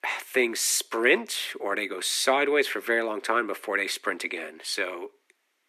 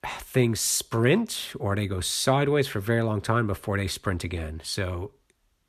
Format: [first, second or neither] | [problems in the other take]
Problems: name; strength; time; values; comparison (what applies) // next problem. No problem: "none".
second | thin; very; fading below 300 Hz